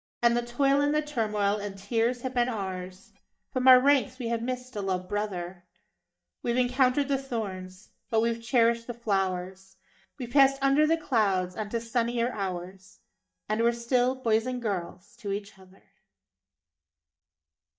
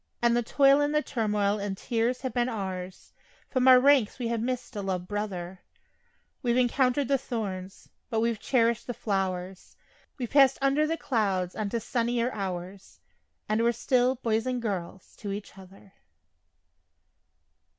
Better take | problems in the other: second | noise reduction (neural mask model DeepFilterNet 3)

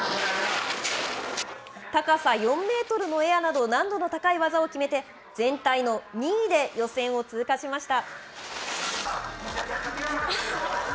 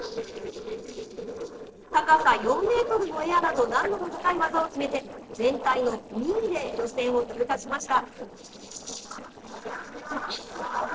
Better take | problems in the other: first | noise reduction (neural separator model SepFormer DNS4)

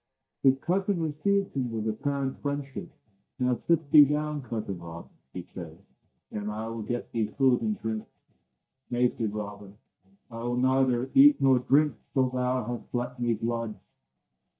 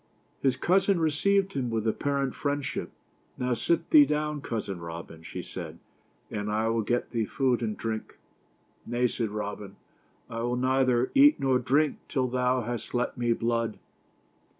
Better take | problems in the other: second | noise reduction (neural mask model DeepFilterNet 3)

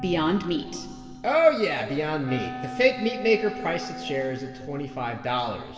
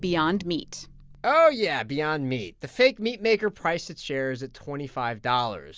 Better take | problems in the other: second | background sound (Wind instrument, woodwind instrument); 13 dB below the speech // room echo; dies away in 2.1 s

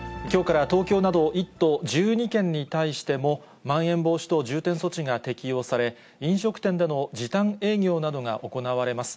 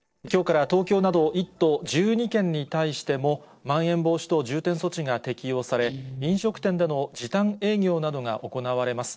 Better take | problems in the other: first | noise reduction (neural separator model SepFormer DNS4)

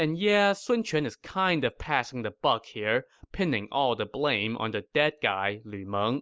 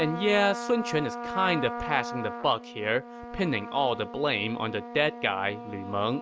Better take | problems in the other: first | background sound (Trumpet); 9 dB below the speech

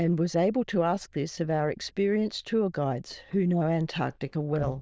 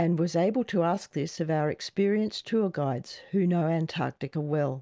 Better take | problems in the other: second | noise reduction (neural diffusion model UNIVERSE++)

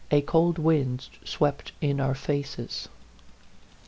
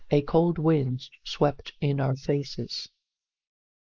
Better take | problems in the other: first | noise reduction (neural mask model Resemble Enhance denoiser)

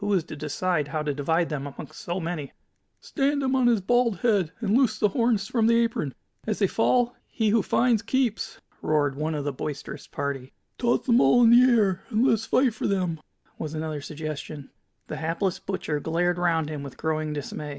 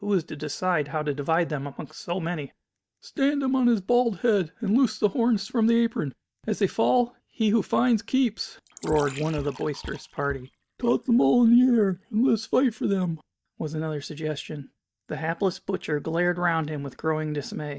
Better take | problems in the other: first | noise reduction (neural mask model DeepFilterNet 3)

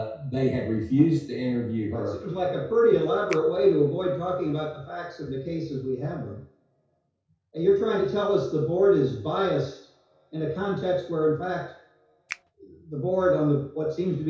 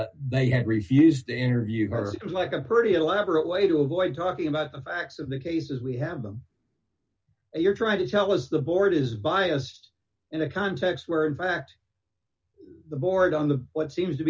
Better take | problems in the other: second | background sound (Finger snapping); 15 dB below the speech // room echo; dies away in 0.6 s

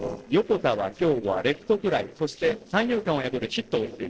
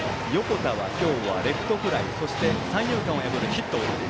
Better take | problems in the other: second | noise reduction (neural separator model SepFormer DNS4)

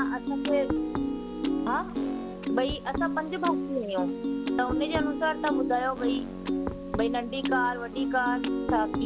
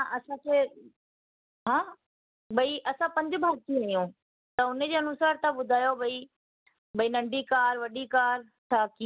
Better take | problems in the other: second | background sound (Piano); 1 dB above the speech

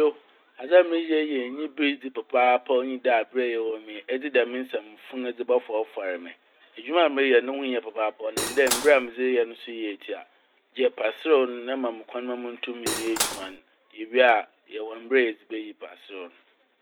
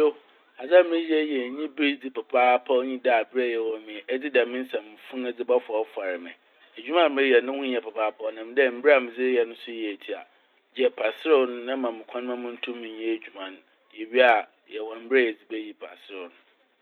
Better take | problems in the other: second | background sound (Cutlery, silverware / Dishes, pots, and pans); 4 dB below the speech

